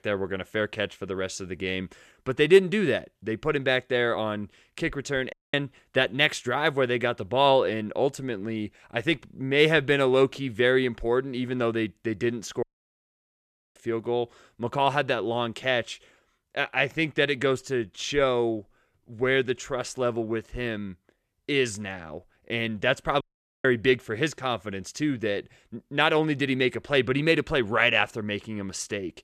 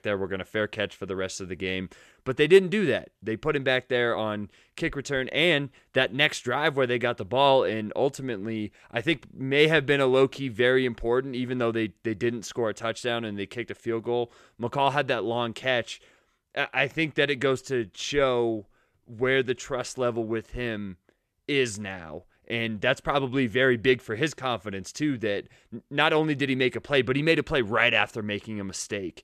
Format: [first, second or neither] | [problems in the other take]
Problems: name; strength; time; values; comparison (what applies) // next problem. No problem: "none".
second | audio cutting out; at 5.5 s, at 13 s for 1 s and at 23 s